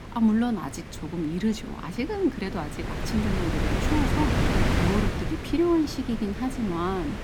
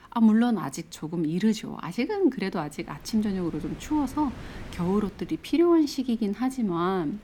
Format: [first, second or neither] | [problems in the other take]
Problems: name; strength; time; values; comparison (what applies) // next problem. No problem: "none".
second | wind noise on the microphone; heavy; 1 dB below the speech; occasional gusts in the second